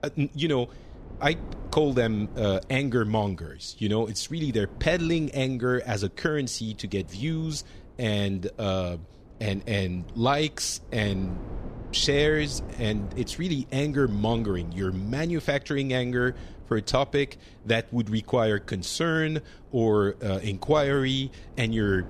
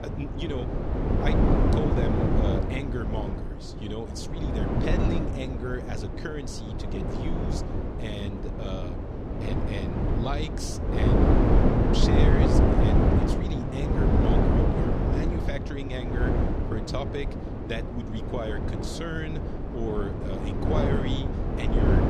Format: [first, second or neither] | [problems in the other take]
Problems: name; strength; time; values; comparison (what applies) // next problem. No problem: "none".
first | wind noise on the microphone; heavy; 5 dB above the speech; occasional gusts in the first